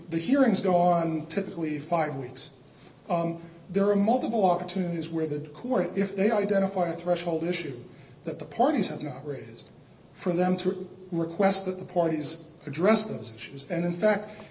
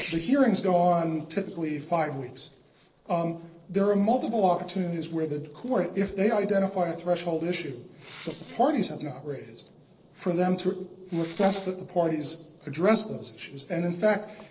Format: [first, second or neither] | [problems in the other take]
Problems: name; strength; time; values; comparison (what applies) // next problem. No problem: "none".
first | noise reduction (neural separator model SepFormer DNS4)